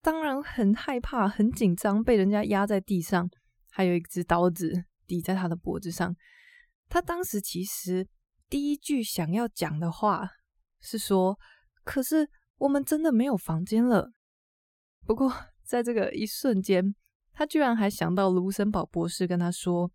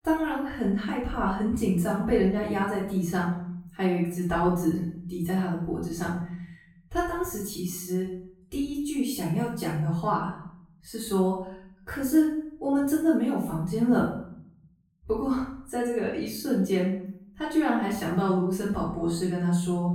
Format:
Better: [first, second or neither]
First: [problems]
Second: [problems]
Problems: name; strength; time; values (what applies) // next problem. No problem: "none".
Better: first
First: none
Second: off-mic speech; far // room echo; noticeable; dies away in 0.7 s